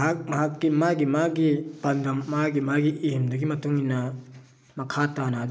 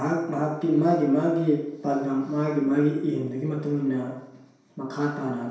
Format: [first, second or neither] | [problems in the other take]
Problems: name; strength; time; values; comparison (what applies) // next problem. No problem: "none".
first | room echo; dies away in 0.7 s